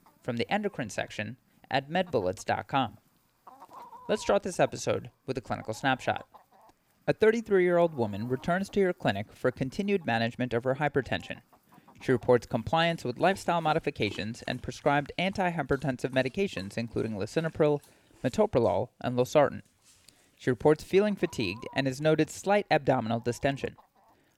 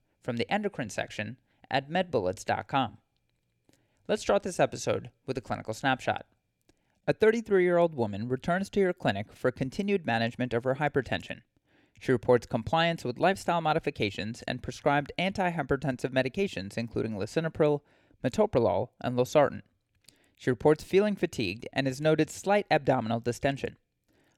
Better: second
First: animal sounds; faint; throughout; 25 dB below the speech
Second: none

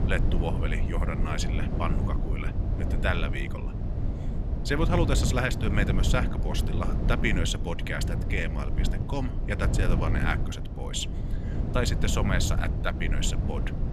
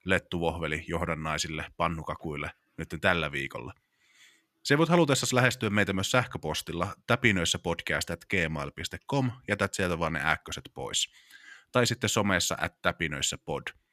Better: second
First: low rumble; loud; throughout; 8 dB below the speech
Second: none

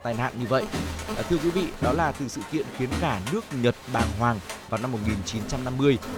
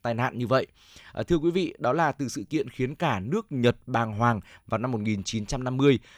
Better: second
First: crowd noise; loud; throughout; 7 dB below the speech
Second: none

